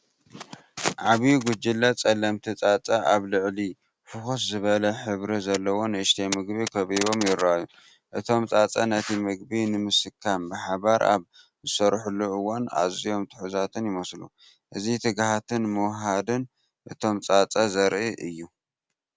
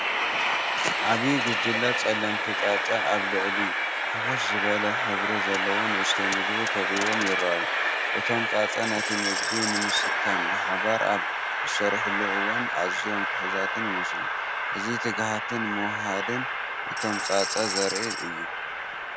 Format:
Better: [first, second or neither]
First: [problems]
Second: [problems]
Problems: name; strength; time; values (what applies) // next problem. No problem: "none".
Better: first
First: none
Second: background sound (Tambourine + Train); 4 dB above the speech